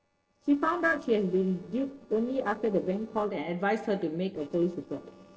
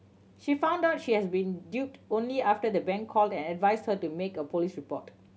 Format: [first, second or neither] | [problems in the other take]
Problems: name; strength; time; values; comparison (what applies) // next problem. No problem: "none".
second | noise reduction (neural separator model SepFormer DNS4)